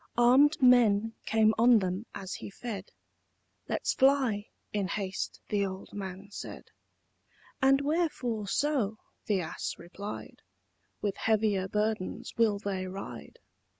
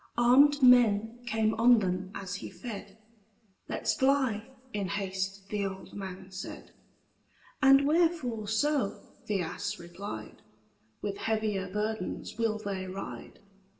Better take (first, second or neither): first